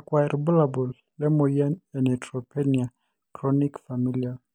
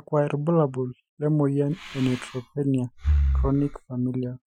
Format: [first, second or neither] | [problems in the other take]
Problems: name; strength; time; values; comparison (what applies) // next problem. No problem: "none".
first | noise reduction (classical method Wiener filter)